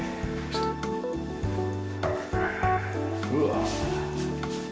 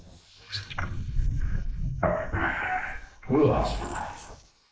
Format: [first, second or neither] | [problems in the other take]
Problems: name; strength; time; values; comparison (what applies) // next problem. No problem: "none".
first | noise reduction (neural mask model Resemble Enhance denoiser)